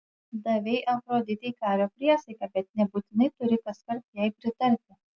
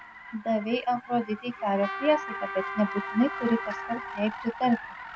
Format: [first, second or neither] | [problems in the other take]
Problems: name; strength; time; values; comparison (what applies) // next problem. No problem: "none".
first | background sound (Car + Trumpet); 9 dB below the speech